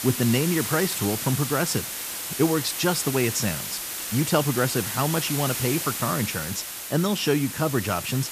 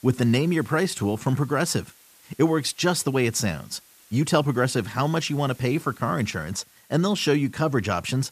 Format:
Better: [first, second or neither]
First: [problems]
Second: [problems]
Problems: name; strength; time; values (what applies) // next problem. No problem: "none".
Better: second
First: hiss; loud; throughout; 4 dB below the speech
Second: hiss; faint; throughout; 25 dB below the speech